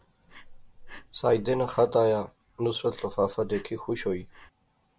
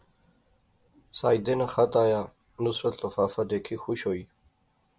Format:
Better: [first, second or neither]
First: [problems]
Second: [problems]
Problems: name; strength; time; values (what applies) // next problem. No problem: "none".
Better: second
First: background sound (Breathing); 17 dB below the speech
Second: none